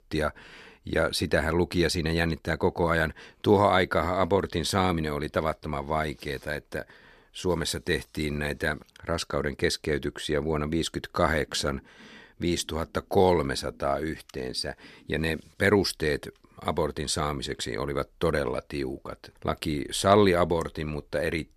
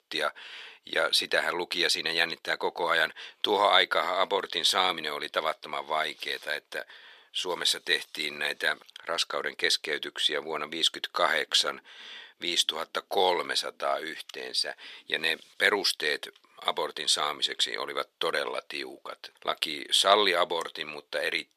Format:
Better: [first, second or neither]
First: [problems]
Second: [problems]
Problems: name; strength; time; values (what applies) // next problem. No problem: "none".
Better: first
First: none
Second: thin; very; fading below 600 Hz